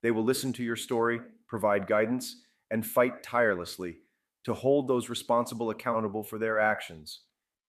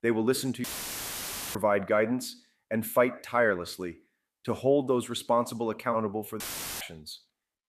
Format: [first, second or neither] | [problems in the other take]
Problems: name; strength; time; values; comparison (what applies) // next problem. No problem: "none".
first | audio cutting out; filled with static; at 0.5 s for 1 s and at 6.5 s